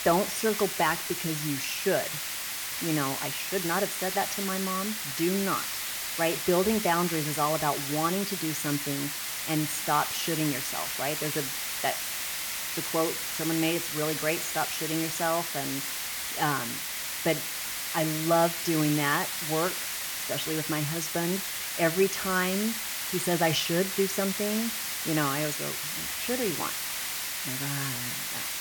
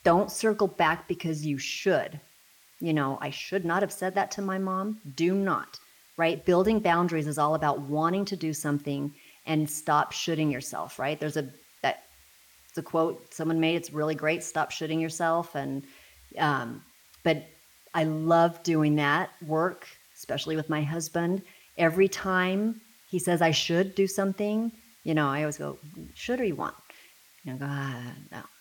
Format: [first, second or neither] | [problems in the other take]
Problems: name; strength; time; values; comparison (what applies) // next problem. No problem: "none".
second | hiss; loud; throughout; 1 dB below the speech; faint in the second